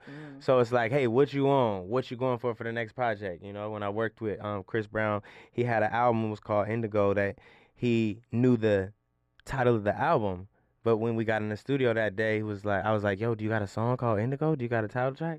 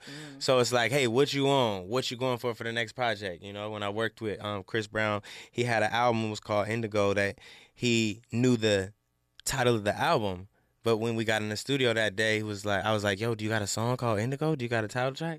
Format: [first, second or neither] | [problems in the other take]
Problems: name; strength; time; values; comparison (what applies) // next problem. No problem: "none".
second | muffled; very; fading above 3 kHz